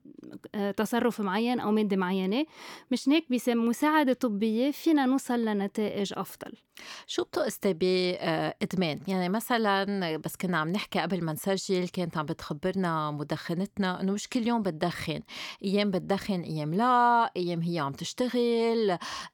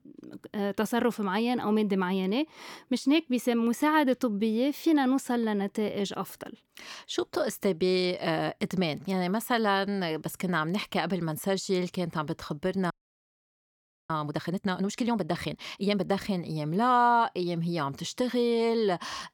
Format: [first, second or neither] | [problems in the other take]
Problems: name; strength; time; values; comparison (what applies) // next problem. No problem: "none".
first | audio freezing; at 13 s for 1 s